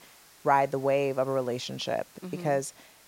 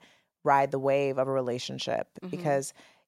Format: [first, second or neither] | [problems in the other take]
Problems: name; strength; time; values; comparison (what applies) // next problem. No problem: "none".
second | hiss; faint; throughout; 25 dB below the speech